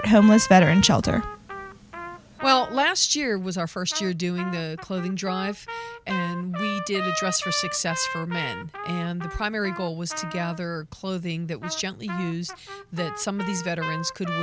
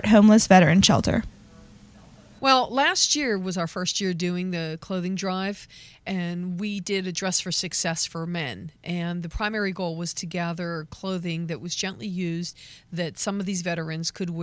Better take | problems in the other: second | background sound (Trumpet); 11 dB below the speech

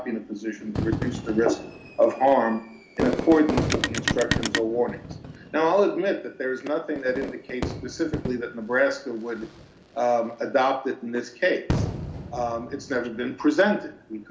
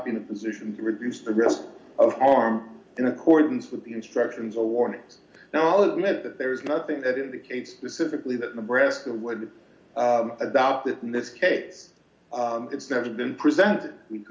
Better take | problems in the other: second | background sound (Fireworks + Telephone); 7 dB below the speech

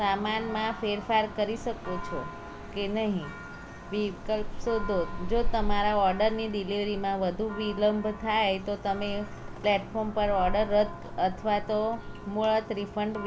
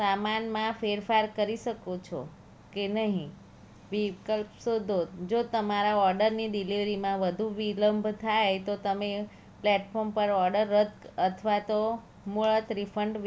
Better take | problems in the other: second | background sound (Church bell); 6 dB below the speech

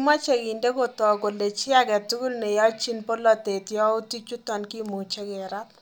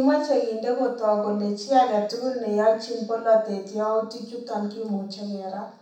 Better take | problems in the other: first | room echo; dies away in 0.7 s

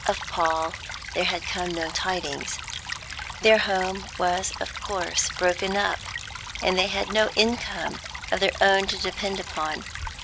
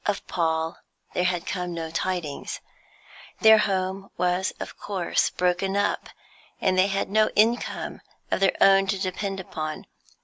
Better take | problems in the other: second | background sound (Stream / Trickle, dribble); 9 dB below the speech

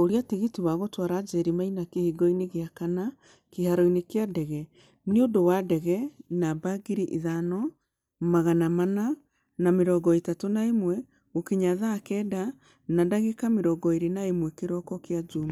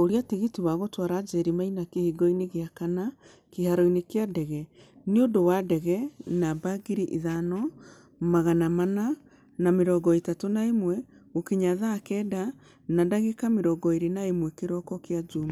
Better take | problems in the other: second | noise reduction (neural mask model DeepFilterNet 3)

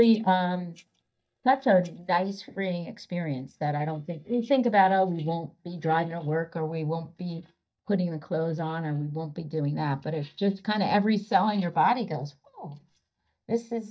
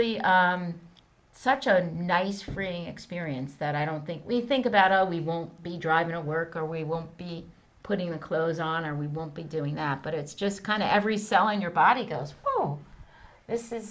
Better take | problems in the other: second | noise reduction (neural mask model DeepFilterNet 3)

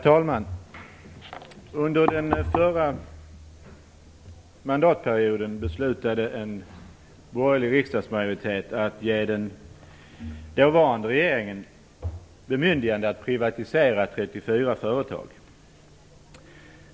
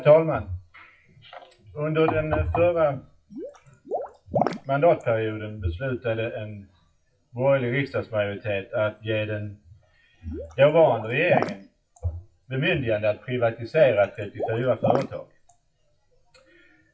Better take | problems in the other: first | noise reduction (classical method WPE with log-MMSE)

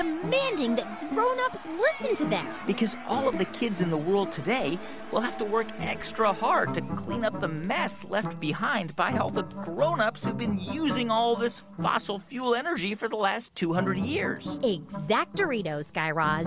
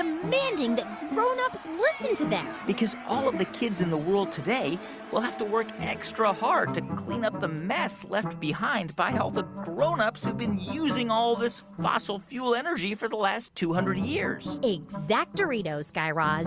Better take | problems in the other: second | background sound (Zipper (clothing)); 19 dB below the speech

